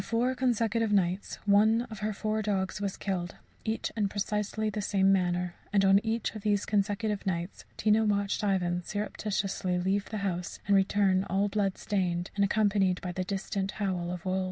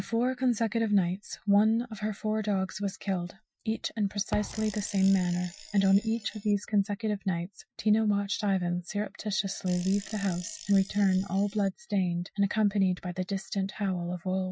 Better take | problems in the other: first | noise reduction (classical method Wiener filter)

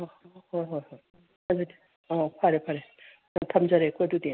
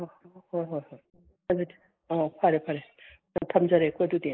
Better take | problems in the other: first | noise reduction (neural mask model Resemble Enhance denoiser)

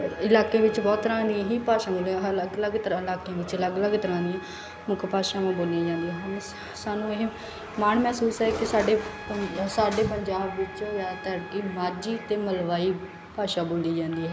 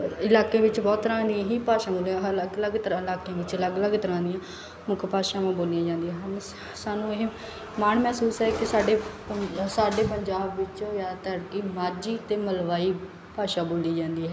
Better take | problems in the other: second | background sound (Bird vocalization, bird call, bird song + Trumpet); 18 dB below the speech

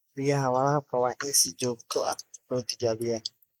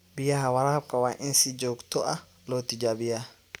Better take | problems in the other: second | noise reduction (neural mask model Resemble Enhance denoiser)

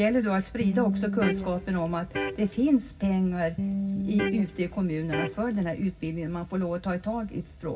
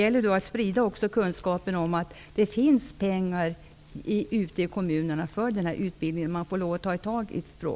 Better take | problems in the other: second | background sound (Electric guitar); 3 dB below the speech // room echo; dies away in 0.4 s

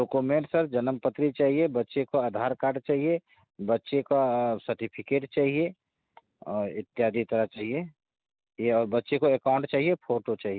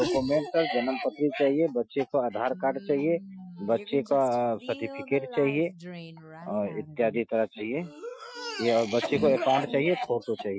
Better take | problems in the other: first | noise reduction (classical method Wiener filter)

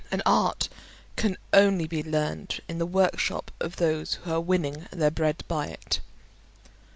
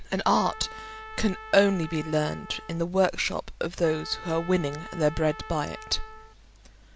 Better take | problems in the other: first | background sound (Trumpet); 16 dB below the speech

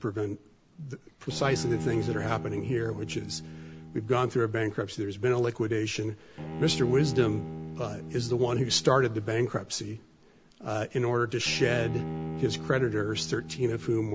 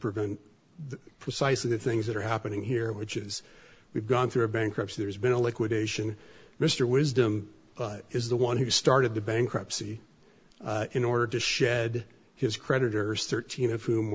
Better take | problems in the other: second | background sound (Bowed string instrument); 10 dB below the speech

